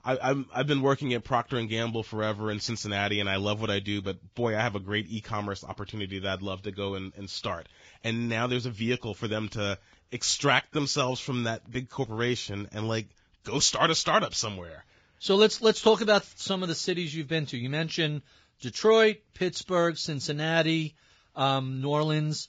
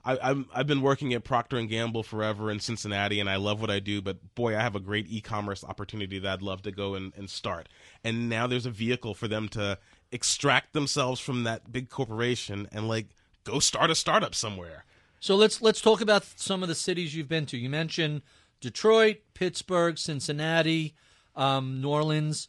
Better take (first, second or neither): second